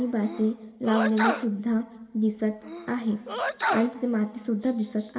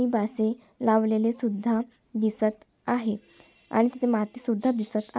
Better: second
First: background sound (Sneeze); 6 dB below the speech // room echo; dies away in 1.4 s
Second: none

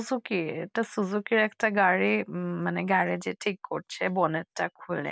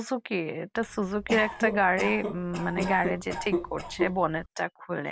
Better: first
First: none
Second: background sound (Cough); 5 dB below the speech

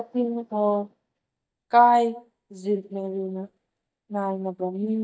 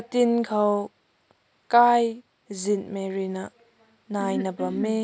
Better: second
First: noise reduction (neural mask model DeepFilterNet 3)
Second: none

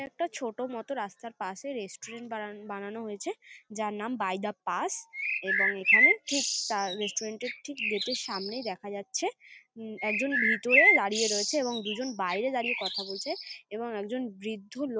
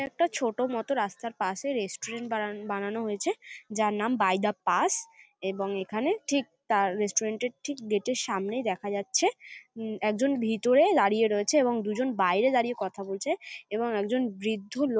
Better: second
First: background sound (Bird); 5 dB above the speech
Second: none

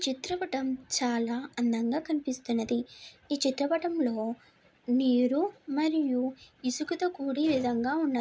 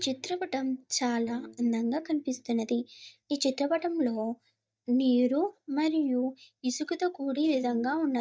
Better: first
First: none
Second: noise reduction (neural mask model DeepFilterNet 3)

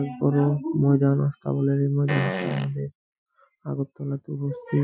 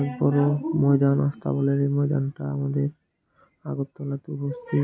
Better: second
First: noise reduction (classical method Wiener filter)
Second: none

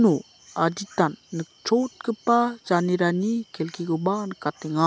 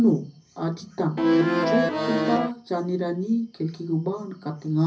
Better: first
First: none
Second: background sound (Accordion); 4 dB above the speech // room echo; dies away in 0.4 s

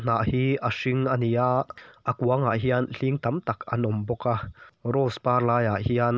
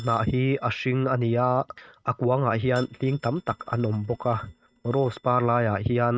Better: first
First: none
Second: noise reduction (neural mask model RNNoise)

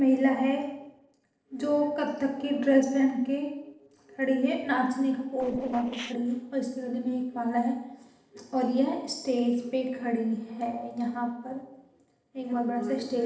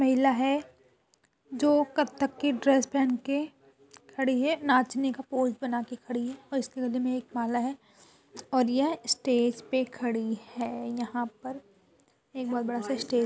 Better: second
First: noise reduction (neural separator model SepFormer DNS4)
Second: none

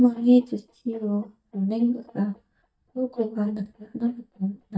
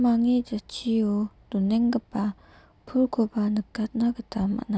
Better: second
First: noise reduction (neural mask model DeepFilterNet 3)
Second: none

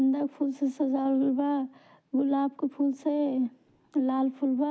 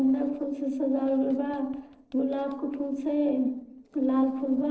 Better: first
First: none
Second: noise reduction (neural separator model SepFormer DNS4)

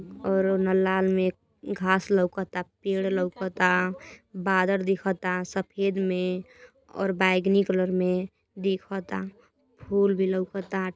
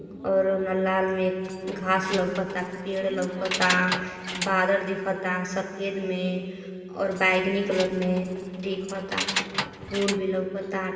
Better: first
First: none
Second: background sound (Keys jangling); 9 dB below the speech // room echo; dies away in 2.6 s

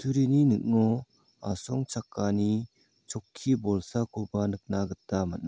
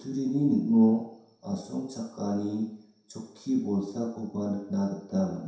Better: first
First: none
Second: room echo; dies away in 0.7 s

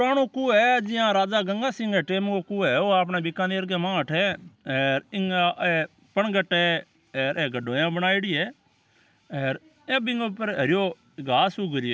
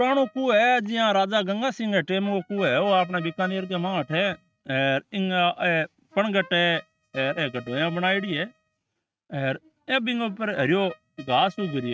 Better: first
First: none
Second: noise reduction (neural mask model RNNoise)

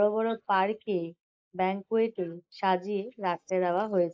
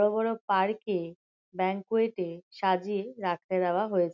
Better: second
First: noise reduction (neural mask model Resemble Enhance denoiser)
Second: none

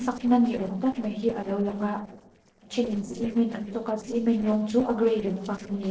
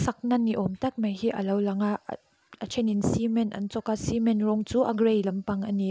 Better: second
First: noise reduction (neural separator model SepFormer DNS4)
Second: none

